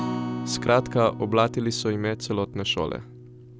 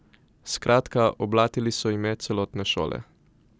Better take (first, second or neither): second